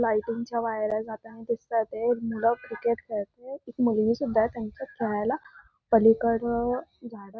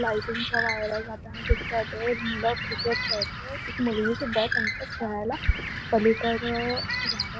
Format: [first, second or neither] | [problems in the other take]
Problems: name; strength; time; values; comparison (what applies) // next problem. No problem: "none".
first | background sound (Bird); 1 dB below the speech